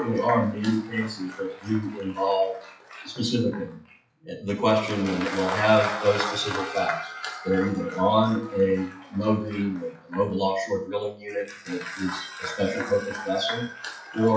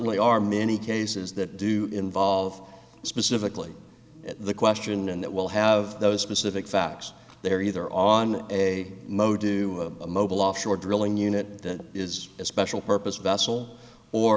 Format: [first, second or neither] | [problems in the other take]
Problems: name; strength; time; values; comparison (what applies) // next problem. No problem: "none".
second | noise reduction (classical method WPE with log-MMSE)